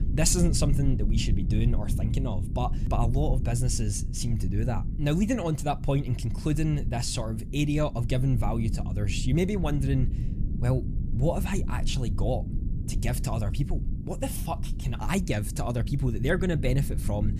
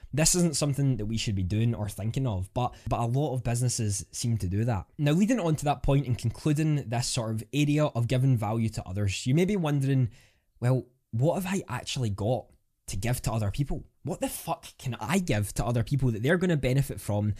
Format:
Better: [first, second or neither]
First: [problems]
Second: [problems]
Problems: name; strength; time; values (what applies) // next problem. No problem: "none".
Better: second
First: low rumble; noticeable; throughout; 10 dB below the speech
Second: none